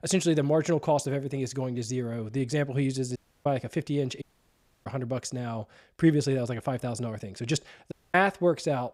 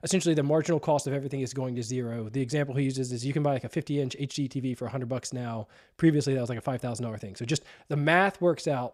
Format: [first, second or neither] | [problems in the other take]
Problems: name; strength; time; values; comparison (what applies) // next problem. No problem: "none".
second | audio cutting out; at 3 s, at 4 s for 0.5 s and at 8 s